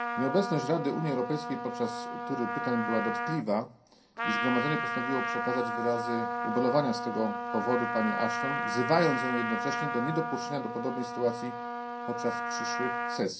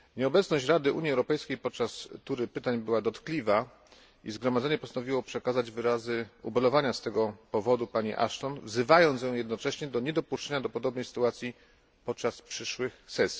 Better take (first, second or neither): second